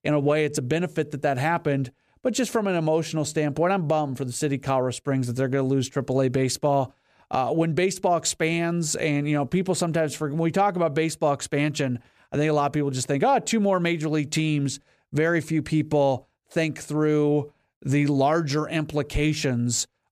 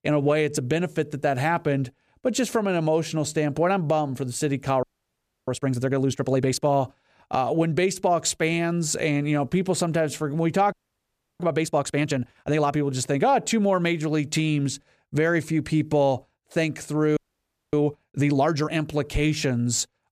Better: first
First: none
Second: audio freezing; at 5 s for 0.5 s, at 11 s for 0.5 s and at 17 s for 0.5 s

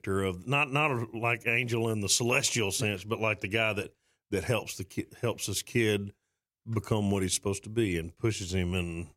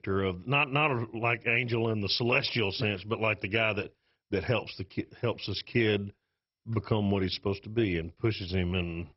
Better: first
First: none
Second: garbled, watery; badly; nothing above 5.5 kHz

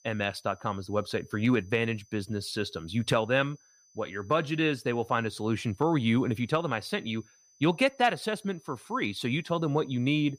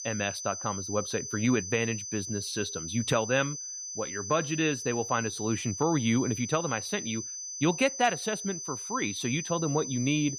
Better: first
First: high-pitched whine; faint; throughout; 6 kHz, 30 dB below the speech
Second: high-pitched whine; loud; throughout; 6 kHz, 6 dB below the speech

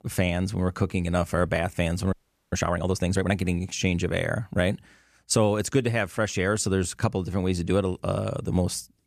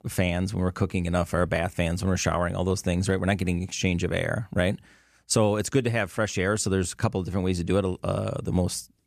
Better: second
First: audio freezing; at 2 s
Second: none

